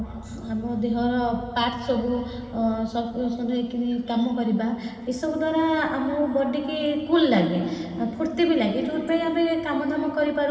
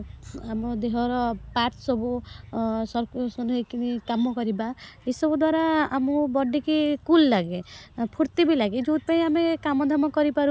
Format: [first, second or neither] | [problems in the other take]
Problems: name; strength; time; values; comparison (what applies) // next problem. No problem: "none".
second | room echo; dies away in 2.6 s